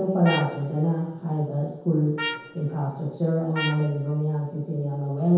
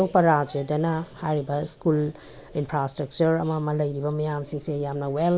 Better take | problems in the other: second | background sound (Trumpet); 11 dB below the speech // room echo; dies away in 0.9 s

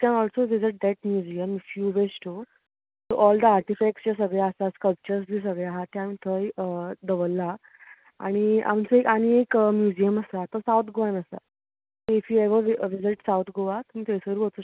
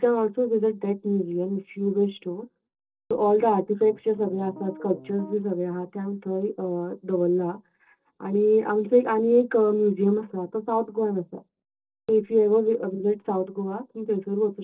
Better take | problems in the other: first | noise reduction (neural separator model SepFormer DNS4)

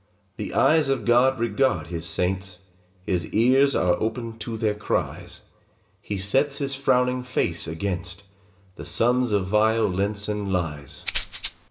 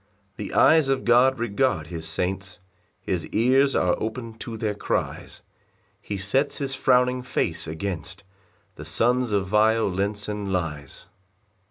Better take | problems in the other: second | background sound (Rattle (instrument)); 9 dB below the speech // room echo; dies away in 0.7 s

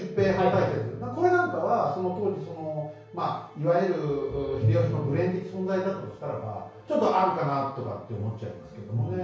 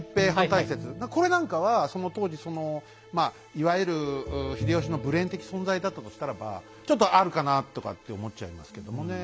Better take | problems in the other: second | room echo; dies away in 0.6 s

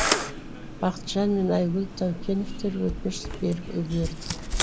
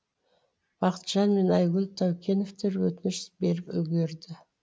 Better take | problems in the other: second | background sound (Camera); 4 dB below the speech

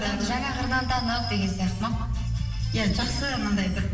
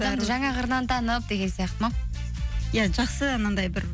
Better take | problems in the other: second | background sound (Chirp, tweet); 15 dB below the speech // room echo; dies away in 1.3 s

